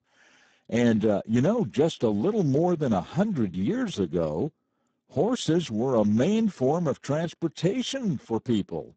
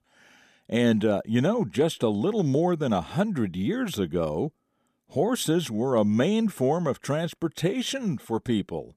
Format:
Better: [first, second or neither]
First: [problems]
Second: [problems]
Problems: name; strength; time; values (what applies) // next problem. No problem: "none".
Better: second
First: garbled, watery; badly; nothing above 8 kHz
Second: none